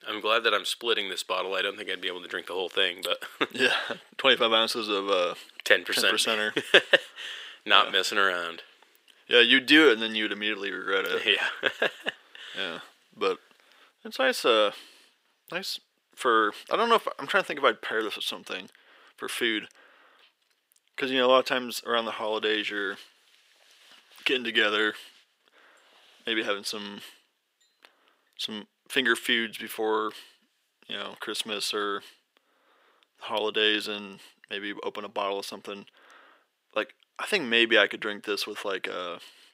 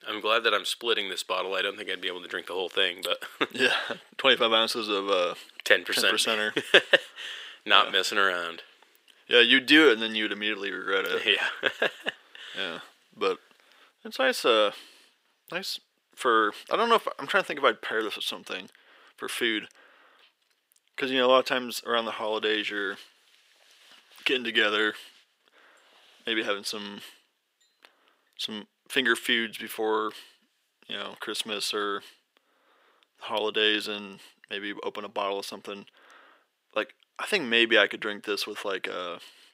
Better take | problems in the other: neither | thin; very; fading below 400 Hz; the same in both

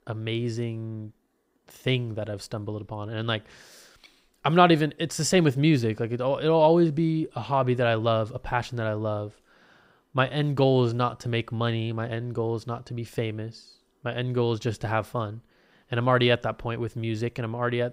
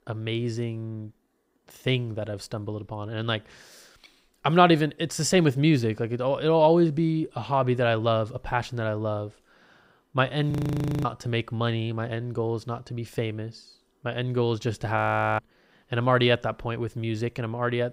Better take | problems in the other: first | audio freezing; at 11 s for 0.5 s and at 15 s

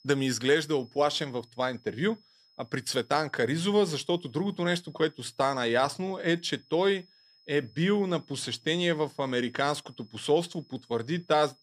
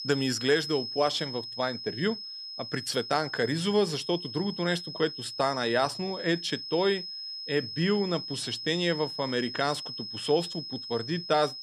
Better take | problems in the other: first | high-pitched whine; loud; throughout; 5 kHz, 7 dB below the speech; faint in the first

